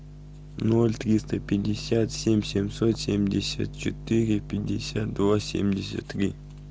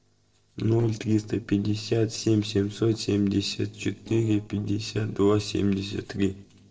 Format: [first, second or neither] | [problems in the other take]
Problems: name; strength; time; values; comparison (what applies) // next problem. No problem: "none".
first | noise reduction (neural separator model SepFormer DNS4)